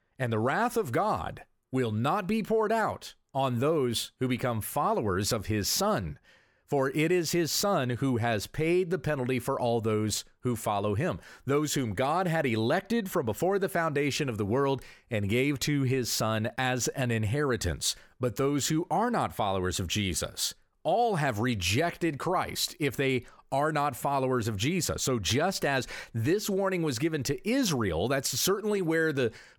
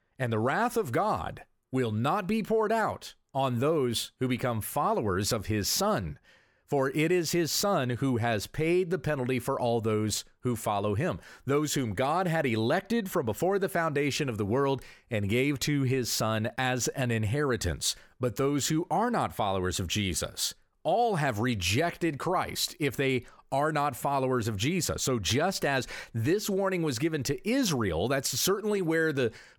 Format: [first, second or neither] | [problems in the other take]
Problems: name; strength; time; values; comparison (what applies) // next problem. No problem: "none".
neither | none